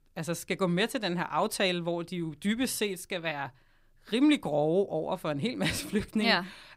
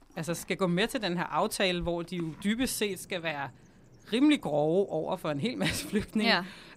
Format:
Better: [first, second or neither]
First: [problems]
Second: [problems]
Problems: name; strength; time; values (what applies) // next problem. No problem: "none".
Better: first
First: none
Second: animal sounds; faint; throughout; 25 dB below the speech